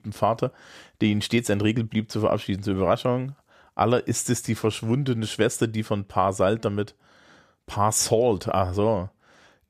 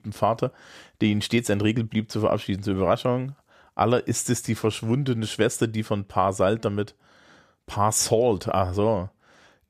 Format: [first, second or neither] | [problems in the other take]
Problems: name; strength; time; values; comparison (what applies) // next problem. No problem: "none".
neither | none